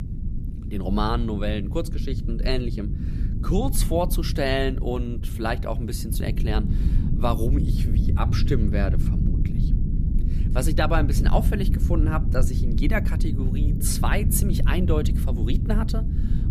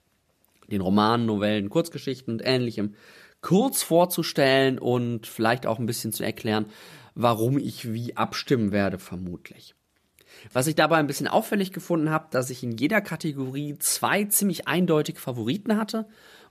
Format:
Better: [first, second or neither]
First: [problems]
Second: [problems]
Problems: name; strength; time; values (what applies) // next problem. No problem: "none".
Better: second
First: low rumble; loud; throughout; 9 dB below the speech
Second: none